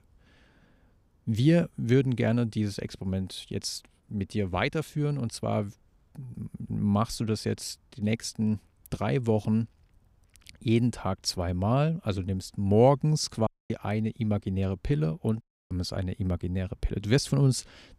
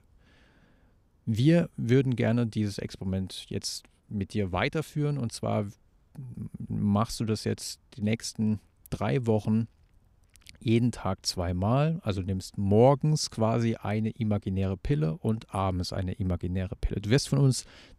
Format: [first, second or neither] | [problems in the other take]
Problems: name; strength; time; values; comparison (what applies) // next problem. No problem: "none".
second | audio cutting out; at 13 s and at 15 s